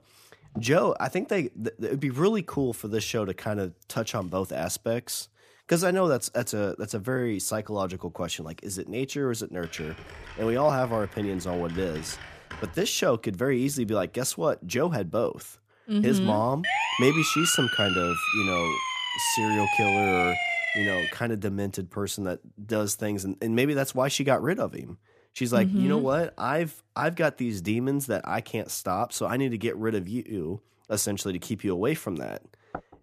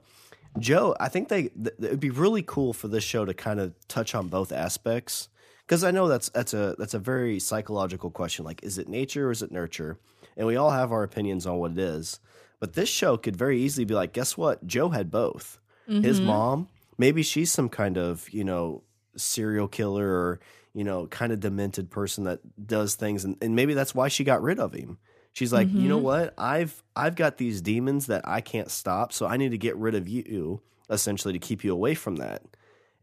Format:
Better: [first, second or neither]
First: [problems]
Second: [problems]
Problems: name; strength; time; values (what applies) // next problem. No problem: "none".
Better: second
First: keyboard typing; faint; from 9.5 to 13 s; peak 10 dB below the speech // siren; loud; from 17 to 21 s; peak 5 dB above the speech // door banging; faint; at 32 s; peak 15 dB below the speech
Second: none